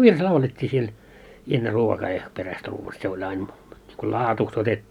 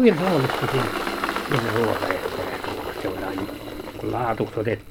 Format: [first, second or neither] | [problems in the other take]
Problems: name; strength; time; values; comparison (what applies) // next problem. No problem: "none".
first | background sound (Engine); 4 dB below the speech